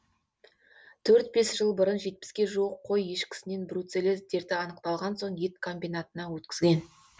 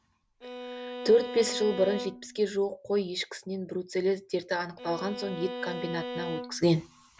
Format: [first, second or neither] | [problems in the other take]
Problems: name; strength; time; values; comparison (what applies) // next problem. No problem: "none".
first | background sound (Bowed string instrument); 9 dB below the speech